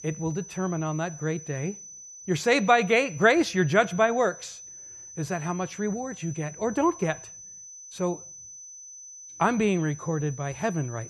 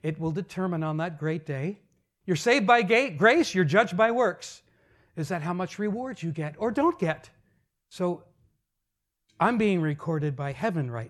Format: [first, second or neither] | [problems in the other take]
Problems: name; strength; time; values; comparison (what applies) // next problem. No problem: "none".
second | high-pitched whine; noticeable; throughout; 6 kHz, 15 dB below the speech